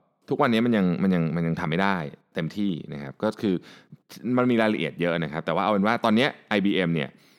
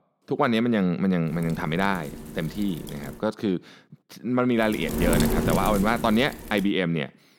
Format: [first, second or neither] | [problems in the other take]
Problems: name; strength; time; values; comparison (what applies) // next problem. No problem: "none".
first | wind noise on the microphone; heavy; from 1.5 to 3 s and from 4.5 to 6.5 s; 8 dB below the speech